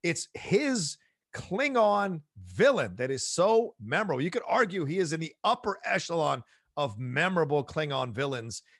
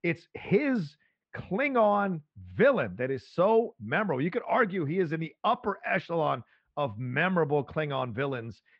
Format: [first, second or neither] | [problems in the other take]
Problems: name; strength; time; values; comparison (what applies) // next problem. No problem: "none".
first | muffled; very; fading above 3 kHz